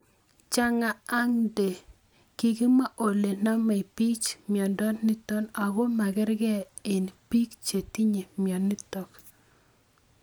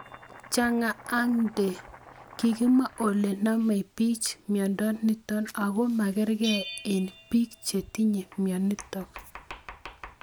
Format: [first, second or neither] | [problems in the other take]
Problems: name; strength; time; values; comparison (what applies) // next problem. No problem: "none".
first | background sound (Bell + Domestic sounds, home sounds); 17 dB below the speech